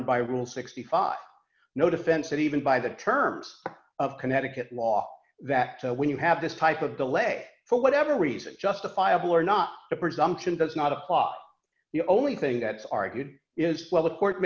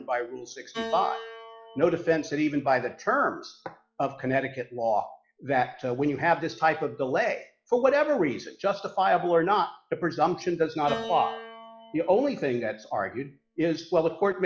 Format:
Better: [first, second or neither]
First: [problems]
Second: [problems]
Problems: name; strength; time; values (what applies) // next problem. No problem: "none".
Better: first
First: none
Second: noise reduction (classical method log-MMSE)